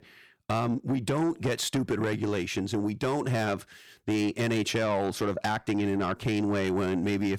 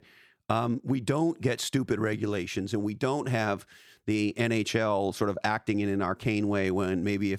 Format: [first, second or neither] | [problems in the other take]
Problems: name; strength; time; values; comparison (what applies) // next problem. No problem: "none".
second | distortion; slight; 10 dB below the speech